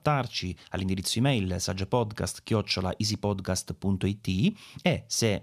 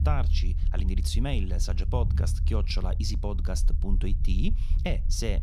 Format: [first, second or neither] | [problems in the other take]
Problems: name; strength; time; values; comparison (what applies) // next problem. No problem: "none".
first | low rumble; noticeable; throughout; 10 dB below the speech